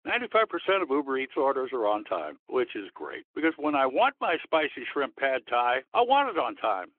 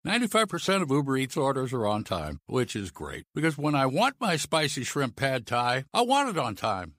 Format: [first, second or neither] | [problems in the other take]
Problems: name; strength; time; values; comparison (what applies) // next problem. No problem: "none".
second | phone-call audio; nothing above 3.5 kHz